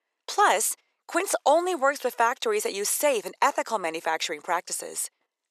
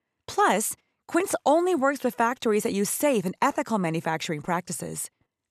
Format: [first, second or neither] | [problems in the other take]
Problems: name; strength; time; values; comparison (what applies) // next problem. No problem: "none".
second | thin; very; fading below 450 Hz